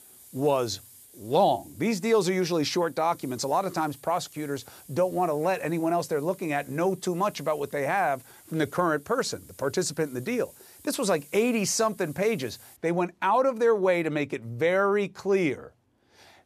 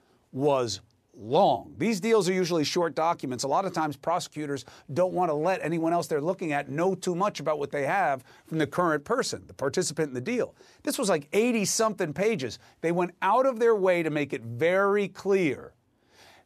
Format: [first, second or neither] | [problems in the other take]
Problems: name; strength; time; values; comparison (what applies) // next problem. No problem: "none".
second | hiss; faint; until 13 s; 20 dB below the speech